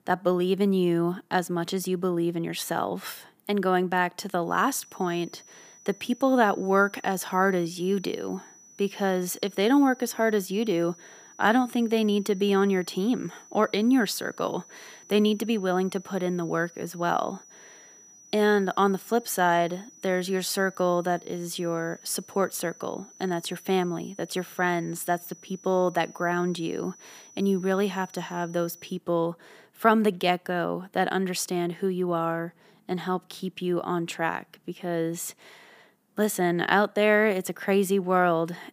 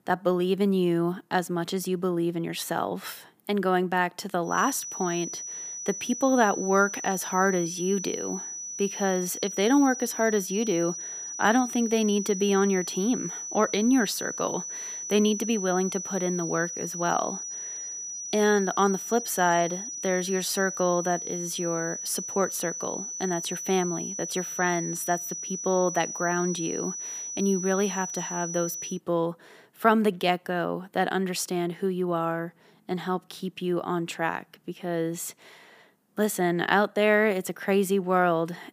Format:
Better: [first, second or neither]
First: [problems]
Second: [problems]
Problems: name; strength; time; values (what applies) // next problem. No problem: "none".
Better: first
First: high-pitched whine; faint; from 4.5 to 29 s; 6 kHz, 25 dB below the speech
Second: high-pitched whine; loud; from 4.5 to 29 s; 6 kHz, 6 dB below the speech